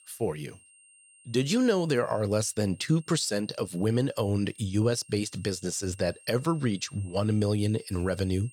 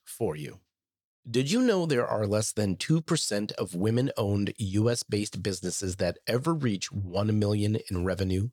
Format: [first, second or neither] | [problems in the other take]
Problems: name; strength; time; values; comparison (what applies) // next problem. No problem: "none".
second | high-pitched whine; faint; throughout; 8.5 kHz, 25 dB below the speech